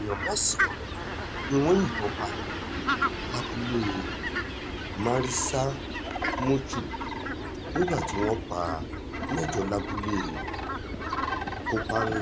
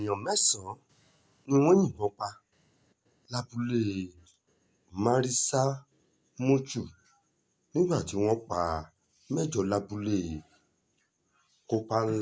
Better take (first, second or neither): second